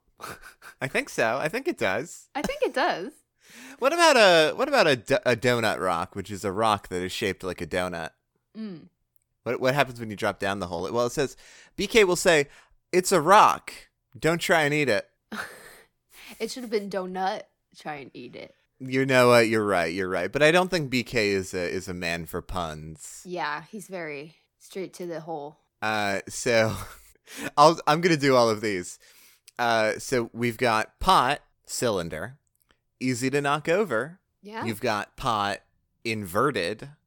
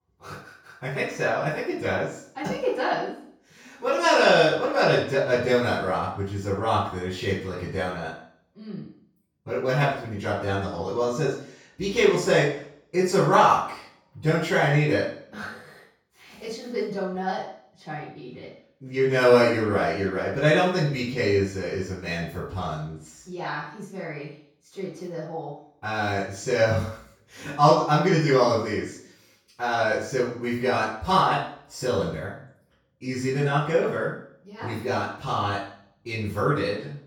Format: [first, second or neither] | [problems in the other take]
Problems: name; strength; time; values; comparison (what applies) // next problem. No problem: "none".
first | room echo; noticeable; dies away in 0.6 s // off-mic speech; far